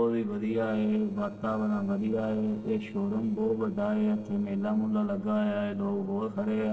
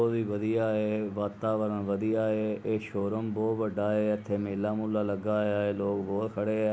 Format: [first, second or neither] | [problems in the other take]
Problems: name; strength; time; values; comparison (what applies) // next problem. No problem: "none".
second | noise reduction (neural separator model SepFormer DNS4)